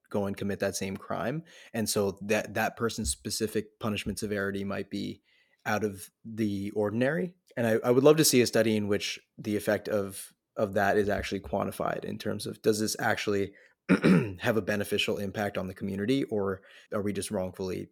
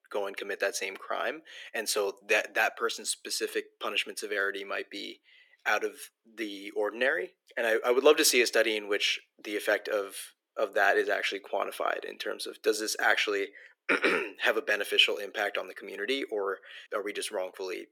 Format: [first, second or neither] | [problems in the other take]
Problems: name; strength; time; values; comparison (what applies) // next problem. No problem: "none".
first | thin; very; fading below 350 Hz